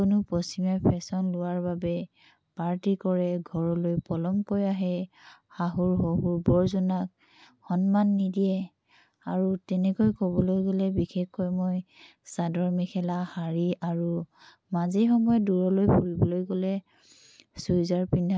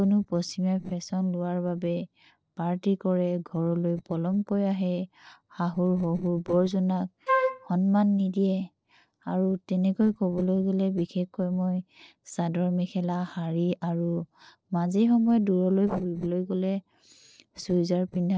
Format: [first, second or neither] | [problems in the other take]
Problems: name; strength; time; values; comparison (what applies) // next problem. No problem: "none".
first | noise reduction (neural separator model SepFormer DNS4)